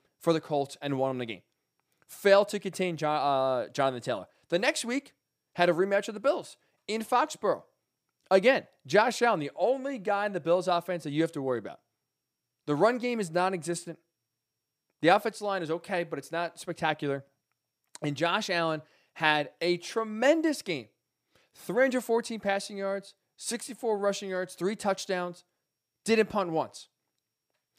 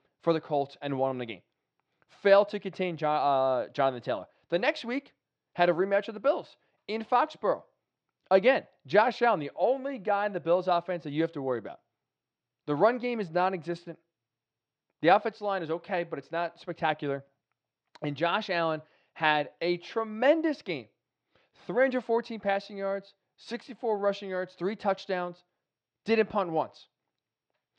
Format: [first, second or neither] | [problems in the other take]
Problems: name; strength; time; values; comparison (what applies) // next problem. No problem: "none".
first | muffled; slightly; fading above 4 kHz